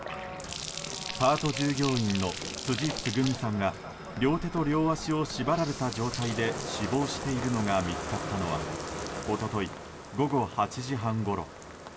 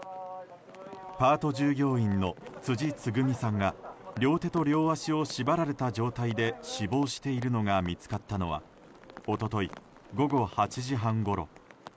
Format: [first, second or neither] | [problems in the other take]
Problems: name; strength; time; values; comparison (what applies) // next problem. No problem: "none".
second | background sound (Bathtub (filling or washing)); 8 dB below the speech // room echo; dies away in 0.2 s